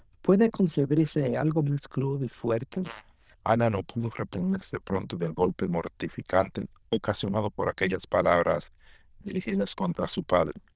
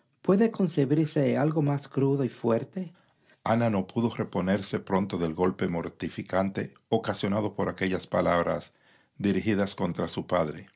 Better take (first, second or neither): second